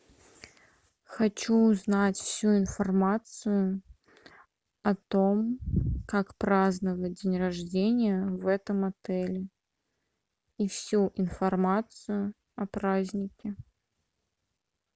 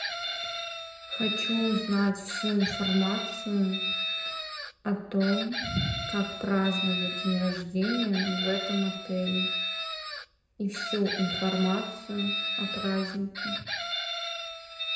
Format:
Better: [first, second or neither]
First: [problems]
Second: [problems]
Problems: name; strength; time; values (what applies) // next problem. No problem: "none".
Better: first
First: none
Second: background sound (Chicken, rooster); 4 dB below the speech // room echo; dies away in 0.8 s